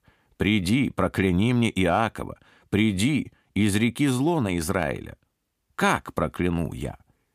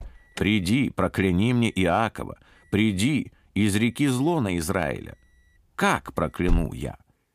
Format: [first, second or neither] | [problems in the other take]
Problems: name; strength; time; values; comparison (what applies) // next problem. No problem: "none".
first | alarm; noticeable; until 6.5 s; peak 6 dB below the speech